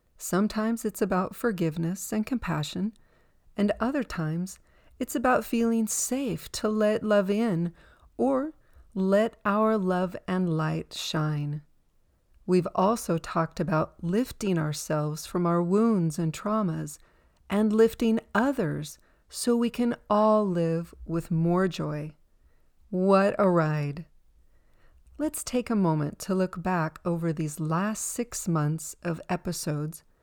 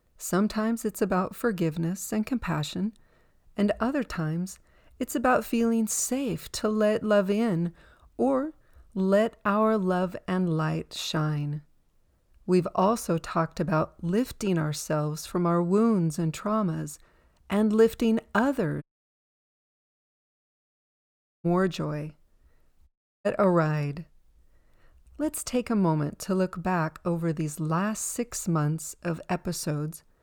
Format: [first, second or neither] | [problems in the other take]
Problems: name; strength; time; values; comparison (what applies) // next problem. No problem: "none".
first | audio cutting out; at 19 s for 2.5 s and at 23 s